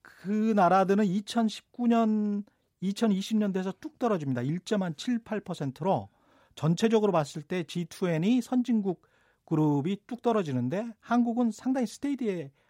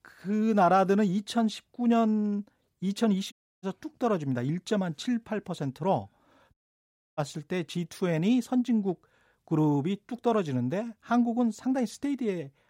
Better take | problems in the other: first | audio cutting out; at 3.5 s and at 6.5 s for 0.5 s

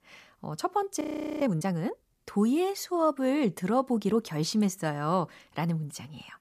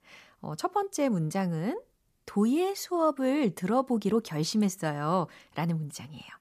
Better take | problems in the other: second | audio freezing; at 1 s

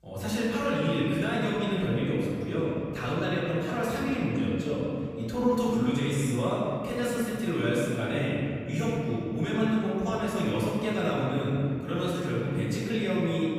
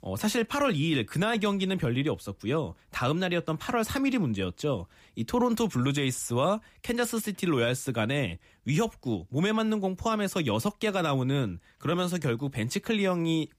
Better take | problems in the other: second | off-mic speech; far // room echo; strong; dies away in 2.7 s

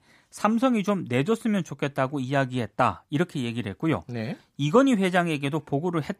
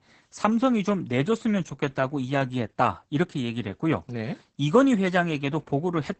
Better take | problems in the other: first | garbled, watery; badly; nothing above 8 kHz

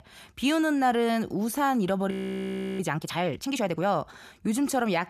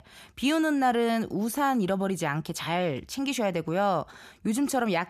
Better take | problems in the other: second | audio freezing; at 2 s for 0.5 s

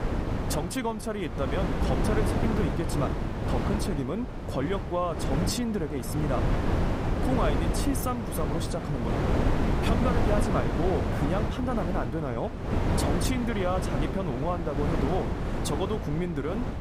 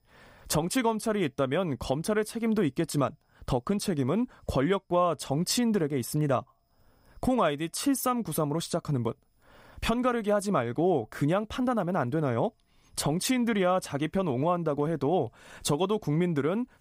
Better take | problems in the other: second | wind noise on the microphone; heavy; 1 dB below the speech

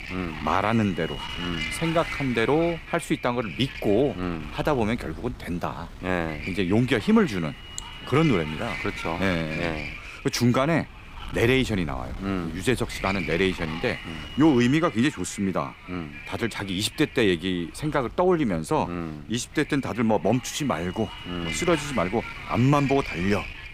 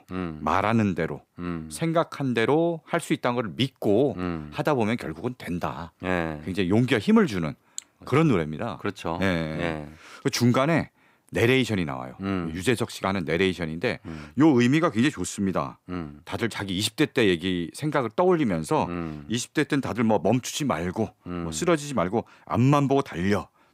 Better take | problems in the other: second | wind noise on the microphone; heavy; 8 dB below the speech

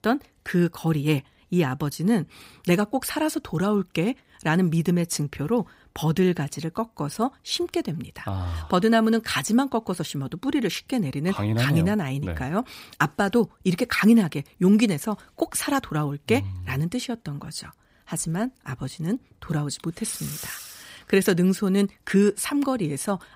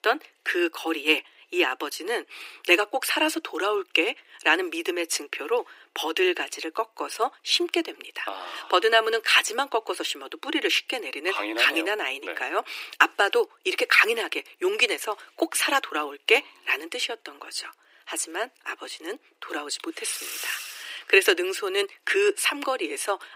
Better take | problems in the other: first | thin; very; fading below 300 Hz

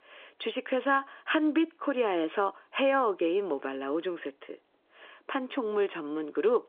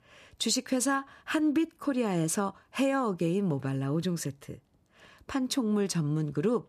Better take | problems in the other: second | phone-call audio; nothing above 3 kHz

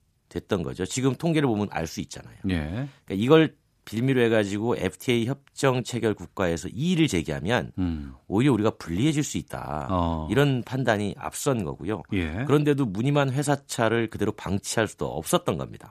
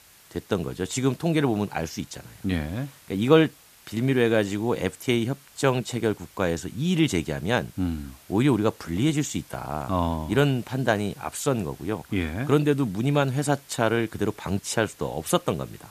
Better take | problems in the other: first | hiss; faint; throughout; 25 dB below the speech

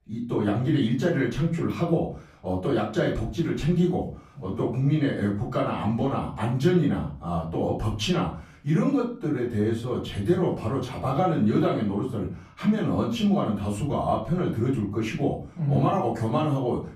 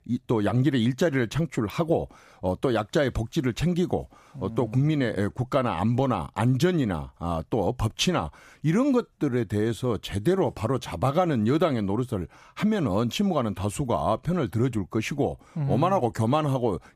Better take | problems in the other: second | off-mic speech; far // room echo; slight; dies away in 0.4 s

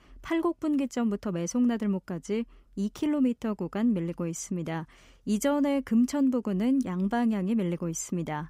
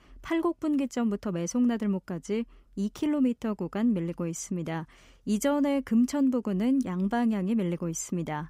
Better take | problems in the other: neither | none

